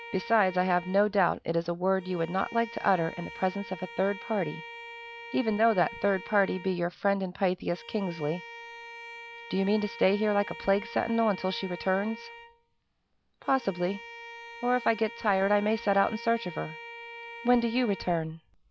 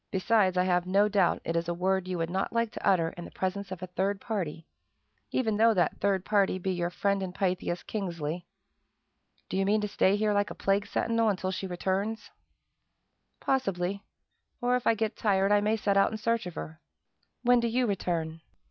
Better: second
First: background sound (Bowed string instrument); 15 dB below the speech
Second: none

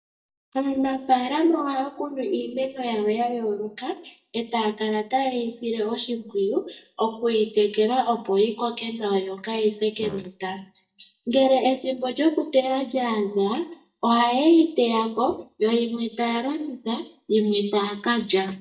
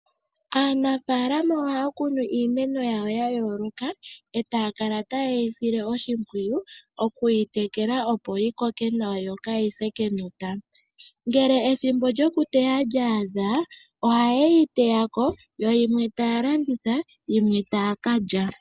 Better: second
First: noise reduction (neural mask model DeepFilterNet 3)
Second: none

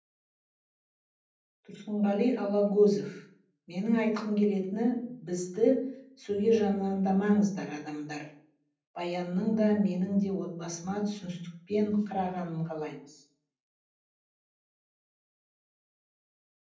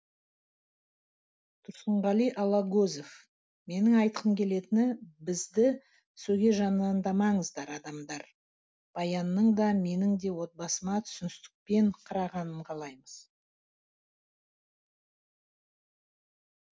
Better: second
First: room echo; dies away in 0.6 s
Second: none

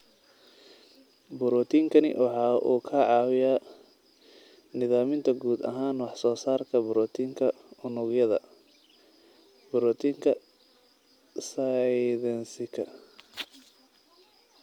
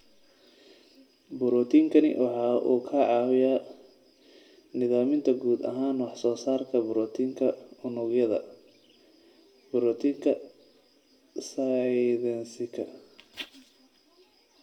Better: first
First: none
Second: room echo; dies away in 0.6 s

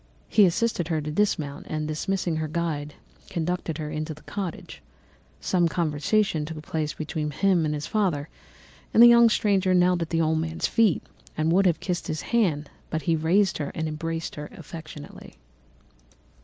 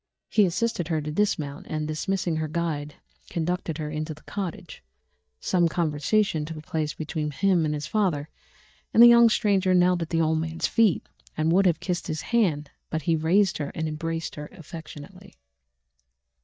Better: first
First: none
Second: noise reduction (neural mask model DeepFilterNet 3)

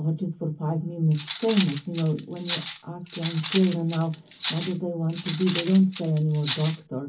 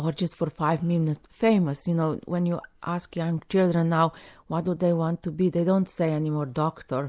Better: second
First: background sound (Cutlery, silverware); 10 dB below the speech // room echo; dies away in 0.3 s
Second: none

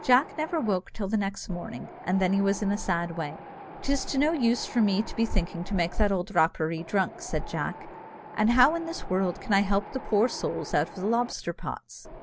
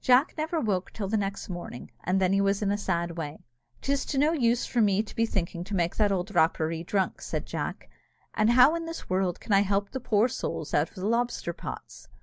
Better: second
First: background sound (Wind); 16 dB below the speech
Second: none

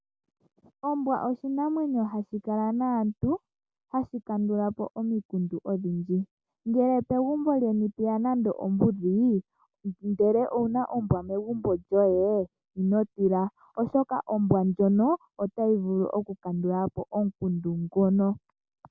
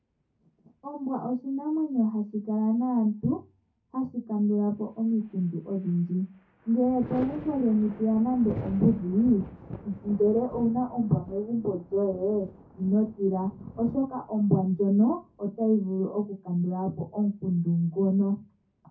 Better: first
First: none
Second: background sound (Thunder); 18 dB below the speech // room echo; dies away in 0.3 s

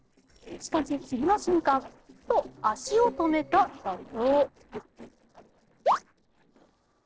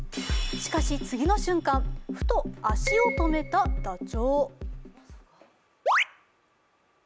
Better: second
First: noise reduction (neural separator model SepFormer DNS4)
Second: none

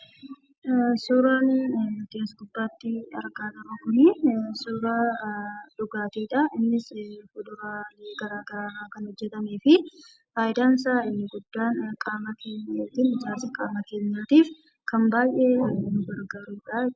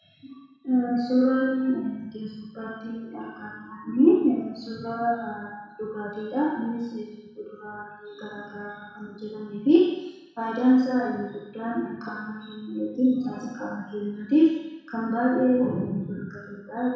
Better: first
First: none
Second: room echo; dies away in 1.1 s

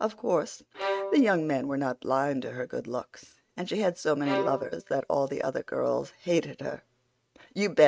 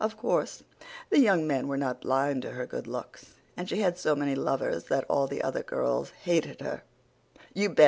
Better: second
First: noise reduction (neural mask model RNNoise)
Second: none

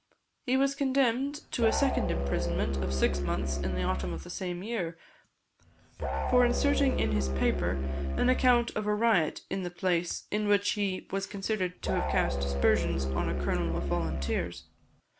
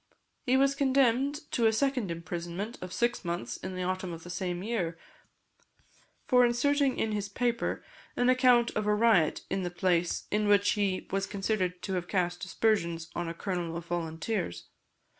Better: second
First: background sound (Musical instrument); as loud as the speech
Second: none

